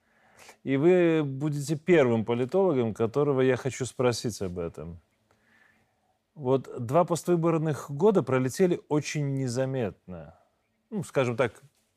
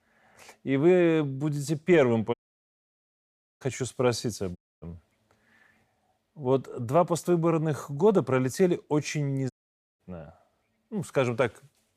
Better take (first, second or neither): first